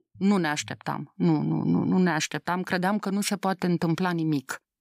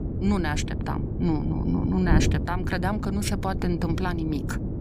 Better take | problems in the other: first | wind noise on the microphone; heavy; 6 dB below the speech

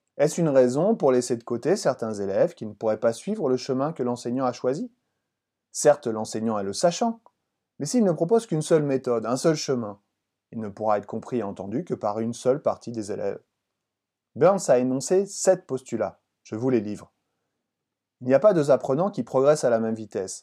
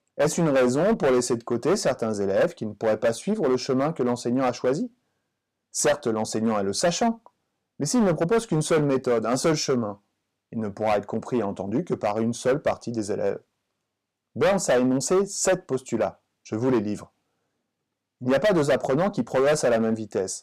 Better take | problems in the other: first | distortion; heavy; 9% of the sound clipped

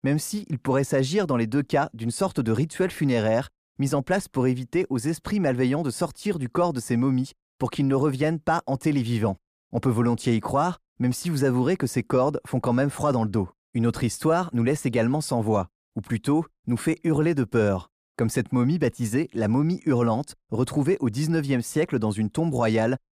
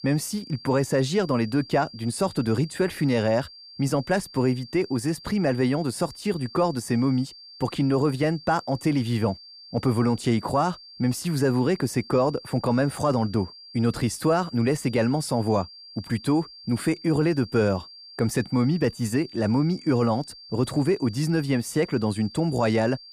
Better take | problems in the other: first | high-pitched whine; noticeable; throughout; 4.5 kHz, 20 dB below the speech

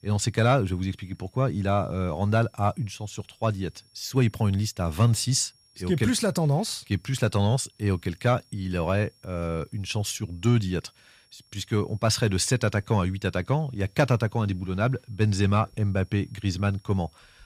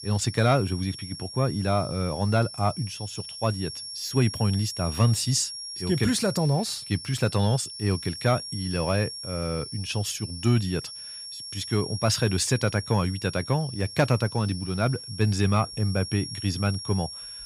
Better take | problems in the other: first | high-pitched whine; loud; throughout; 5.5 kHz, 9 dB below the speech; faint in the first

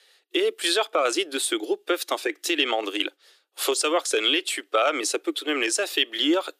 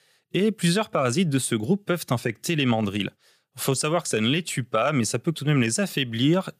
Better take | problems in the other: second | thin; very; fading below 300 Hz

